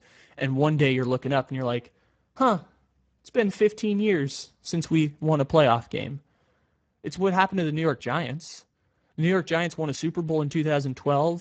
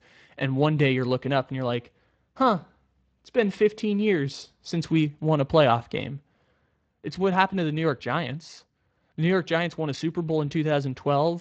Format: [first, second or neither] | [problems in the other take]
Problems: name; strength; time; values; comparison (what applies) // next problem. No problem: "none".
second | garbled, watery; badly; nothing above 8 kHz; slightly in the second